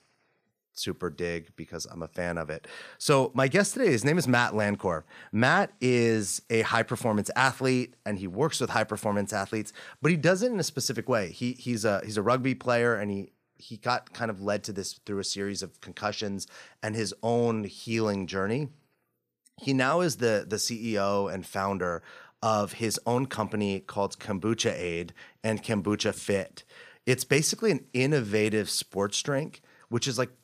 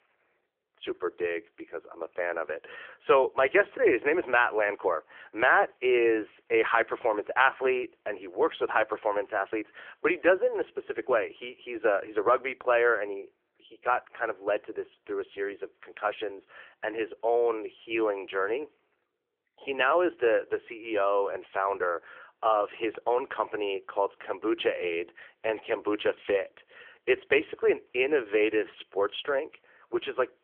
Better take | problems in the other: first | phone-call audio; nothing above 3 kHz

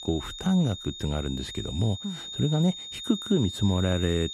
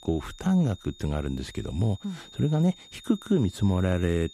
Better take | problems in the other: second | high-pitched whine; loud; throughout; 3.5 kHz, 9 dB below the speech; faint in the second

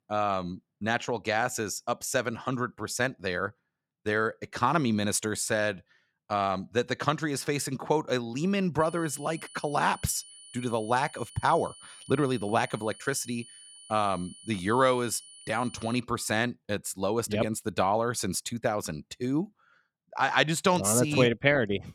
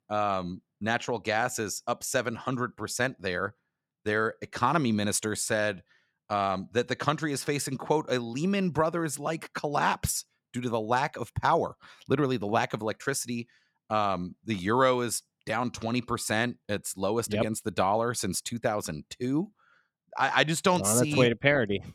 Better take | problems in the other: second | high-pitched whine; noticeable; from 9 to 16 s; 9.5 kHz, 20 dB below the speech

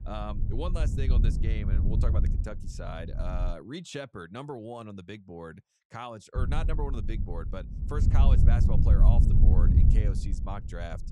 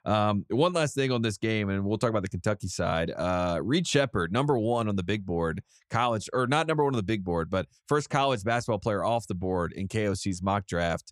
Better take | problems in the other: second | wind noise on the microphone; heavy; until 3.5 s and from 6.5 s on; 2 dB below the speech

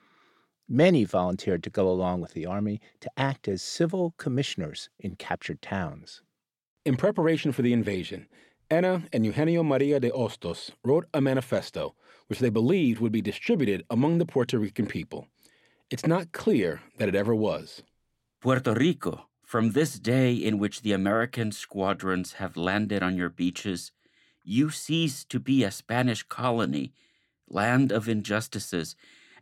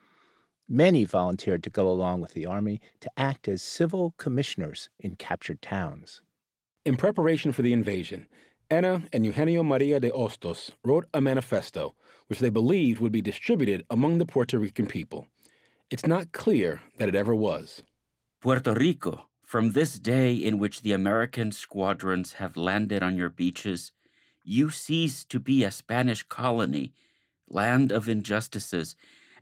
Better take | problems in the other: first | garbled, watery; slightly; nothing above 16.5 kHz

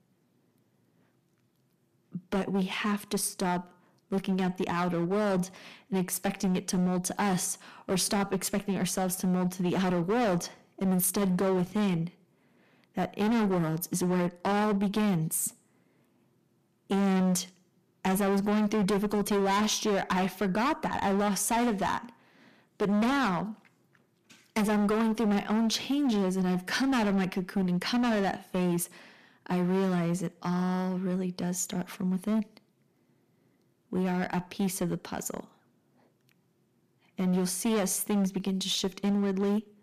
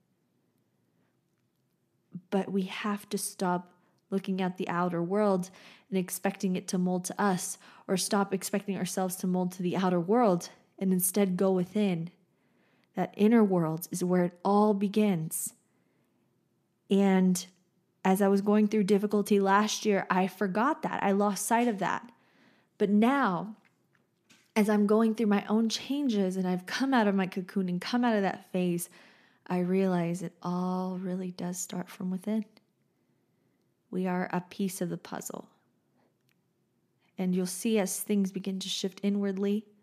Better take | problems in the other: second | distortion; heavy; 15% of the sound clipped

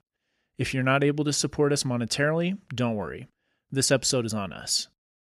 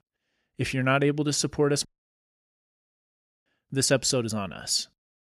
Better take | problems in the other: first | audio cutting out; at 2 s for 1.5 s

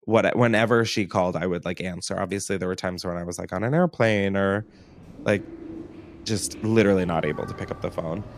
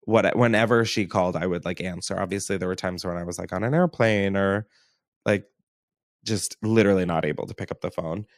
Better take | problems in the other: second | animal sounds; noticeable; from 4.5 s on; 15 dB below the speech

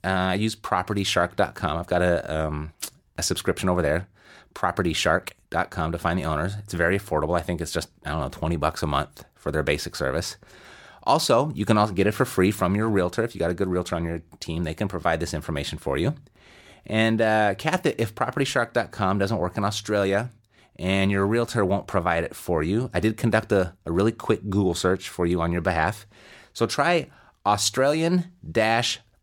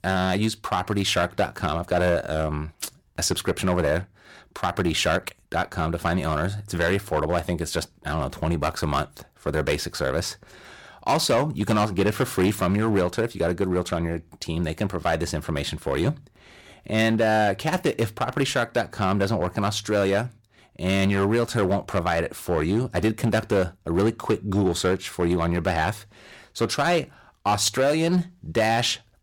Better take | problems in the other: first | distortion; slight; 5% of the sound clipped

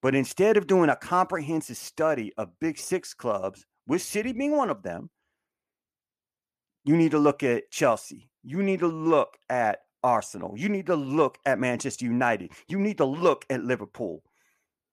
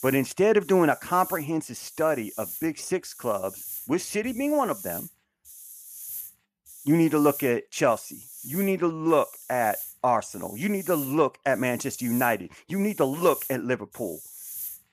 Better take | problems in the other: first | hiss; noticeable; throughout; 10 dB below the speech

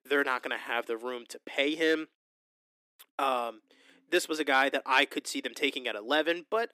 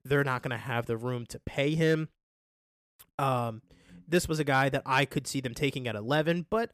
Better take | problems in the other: second | thin; somewhat; fading below 300 Hz

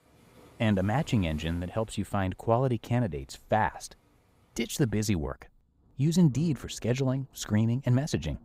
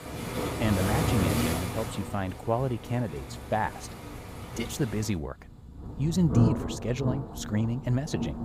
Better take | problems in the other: first | rain or running water; loud; throughout; 2 dB below the speech; faint in the first

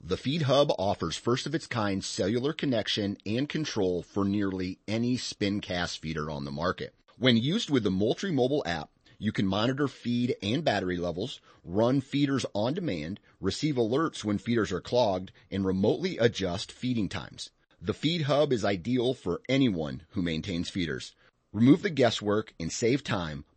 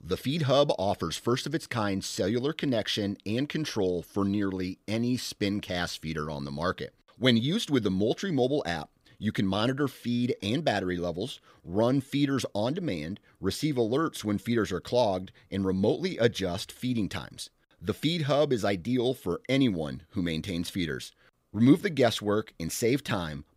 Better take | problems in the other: second | garbled, watery; slightly; nothing above 8 kHz

